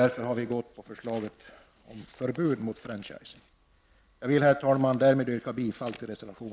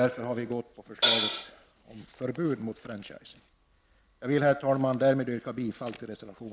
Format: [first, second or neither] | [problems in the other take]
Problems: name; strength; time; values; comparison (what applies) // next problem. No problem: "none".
first | background sound (Hi-hat); 3 dB above the speech